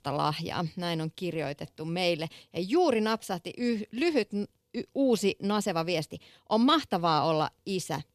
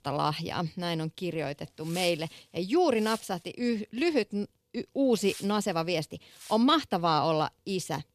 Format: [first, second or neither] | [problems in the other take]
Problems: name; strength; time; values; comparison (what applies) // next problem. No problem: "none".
first | wind noise on the microphone; faint; from 1.5 to 3.5 s and from 5 to 6.5 s; 15 dB below the speech